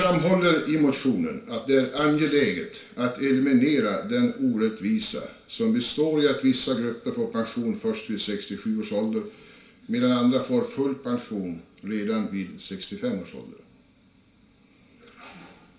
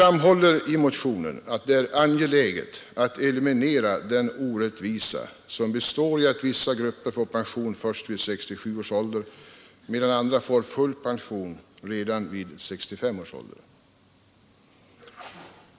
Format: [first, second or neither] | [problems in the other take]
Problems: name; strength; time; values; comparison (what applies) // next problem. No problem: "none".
second | room echo; dies away in 0.3 s